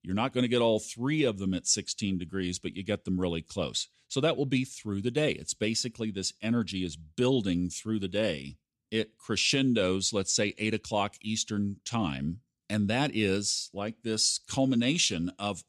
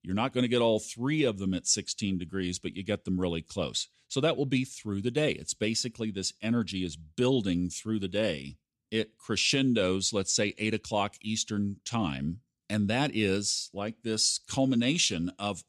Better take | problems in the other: neither | none

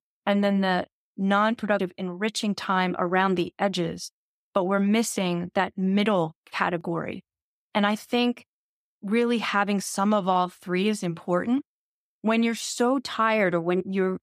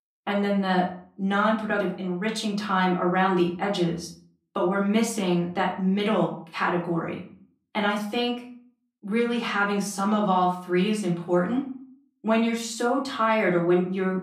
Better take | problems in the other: first | room echo; slight; dies away in 0.4 s // off-mic speech; far

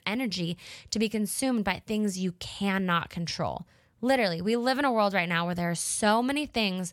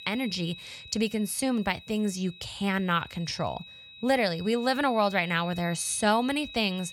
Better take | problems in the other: first | high-pitched whine; noticeable; throughout; 4 kHz, 15 dB below the speech

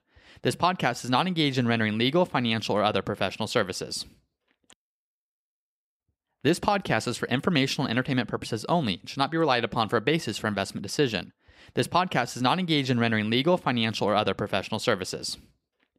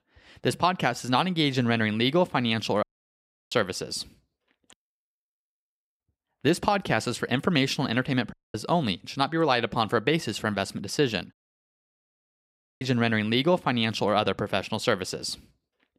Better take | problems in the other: first | audio cutting out; at 3 s for 0.5 s, at 8.5 s and at 11 s for 1.5 s

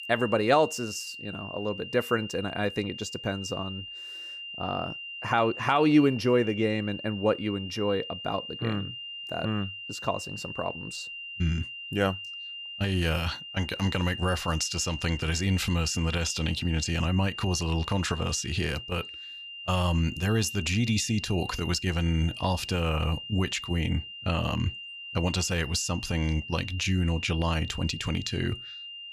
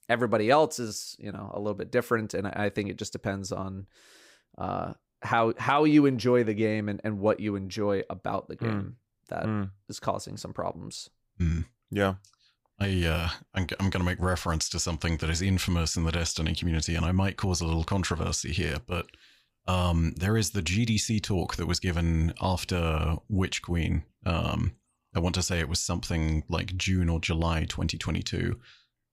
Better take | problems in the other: second | high-pitched whine; loud; throughout; 3 kHz, 9 dB below the speech

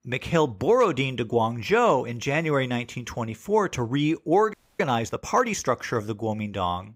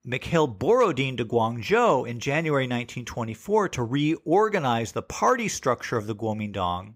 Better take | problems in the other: second | audio freezing; at 4.5 s

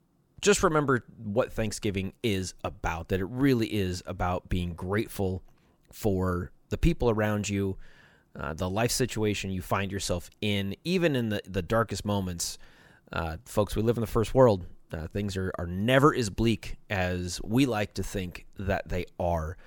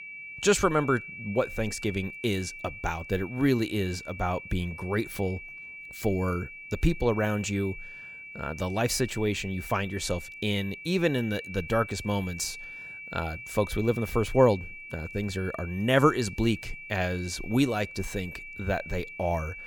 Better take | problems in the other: first | high-pitched whine; noticeable; throughout; 2.5 kHz, 10 dB below the speech

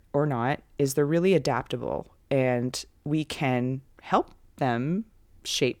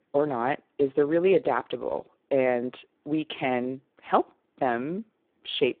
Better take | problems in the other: first | phone-call audio; poor line; nothing above 3.5 kHz

